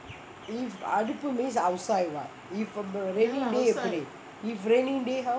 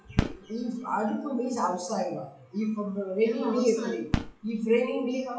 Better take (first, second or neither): first